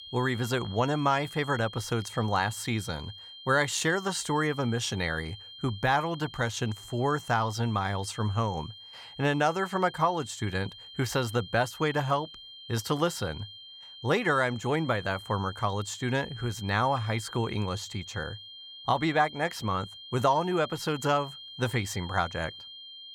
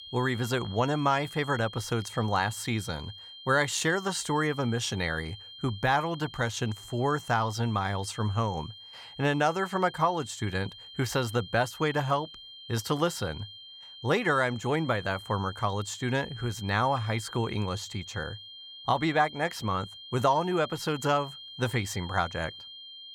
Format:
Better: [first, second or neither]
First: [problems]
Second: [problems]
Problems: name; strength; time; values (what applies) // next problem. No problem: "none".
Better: neither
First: high-pitched whine; noticeable; throughout; 3 kHz, 15 dB below the speech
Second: high-pitched whine; noticeable; throughout; 3 kHz, 15 dB below the speech